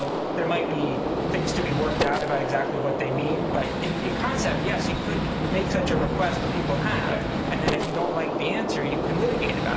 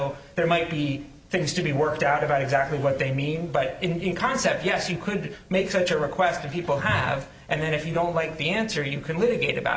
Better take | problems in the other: second | background sound (Gunshot, gunfire); 3 dB above the speech

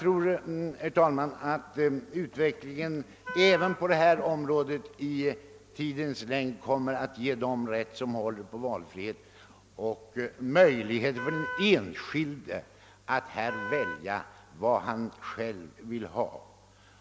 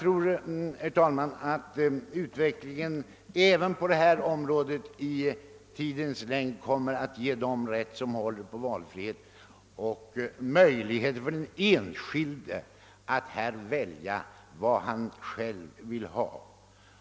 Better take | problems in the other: second | background sound (Wind instrument, woodwind instrument); 10 dB below the speech

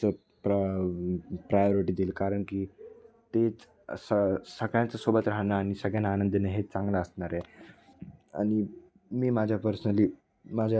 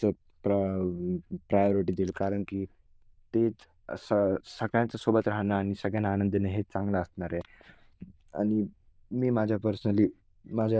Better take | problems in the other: first | noise reduction (neural diffusion model UNIVERSE++)

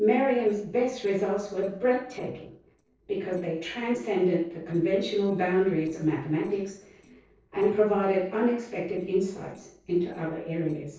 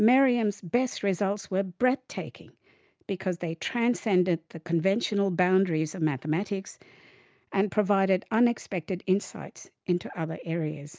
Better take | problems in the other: second | noise reduction (neural separator model SepFormer DNS4)

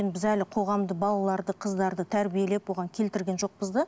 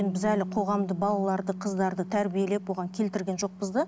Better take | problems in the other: first | background sound (Bass guitar); 10 dB below the speech

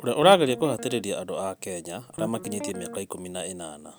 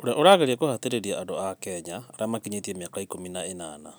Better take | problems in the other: second | background sound (Guitar); 11 dB below the speech

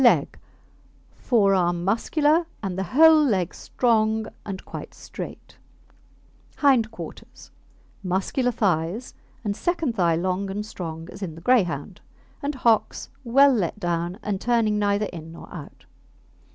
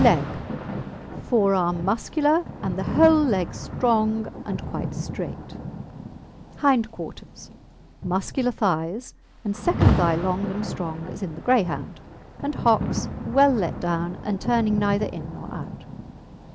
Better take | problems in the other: first | background sound (Rain); 6 dB below the speech

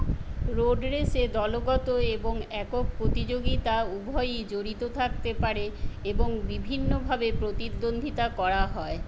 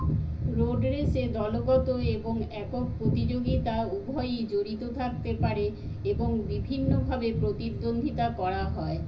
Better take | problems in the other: first | room echo; dies away in 0.4 s

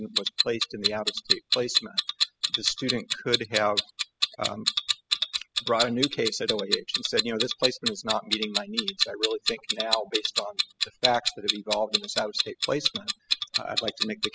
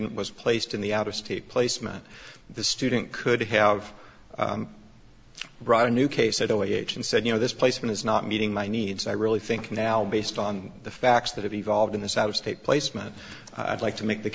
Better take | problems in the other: second | noise reduction (classical method spectral subtraction)

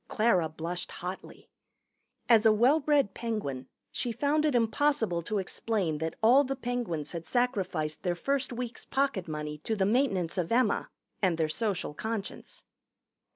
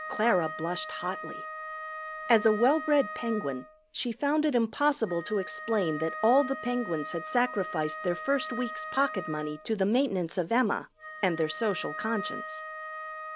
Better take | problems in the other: first | background sound (Wind instrument, woodwind instrument); 10 dB below the speech

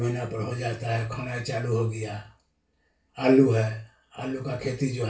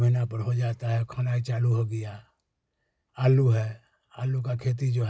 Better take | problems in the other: second | room echo; dies away in 0.3 s

